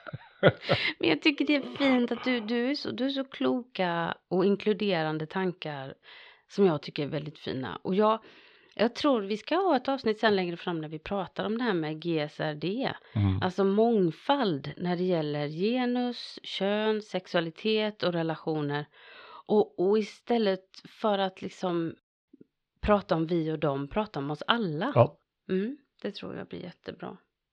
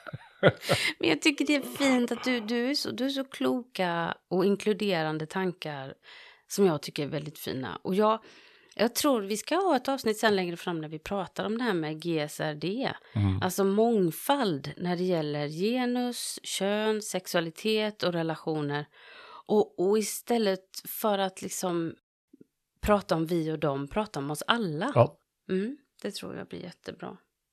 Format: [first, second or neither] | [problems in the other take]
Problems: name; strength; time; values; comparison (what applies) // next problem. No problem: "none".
second | muffled; very slightly; fading above 4 kHz